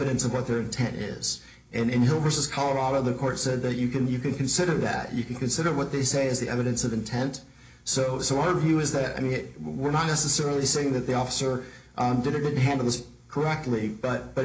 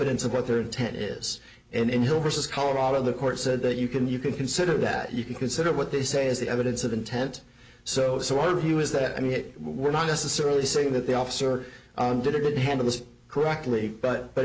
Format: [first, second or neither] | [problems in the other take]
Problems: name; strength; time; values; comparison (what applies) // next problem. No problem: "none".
second | room echo; dies away in 0.4 s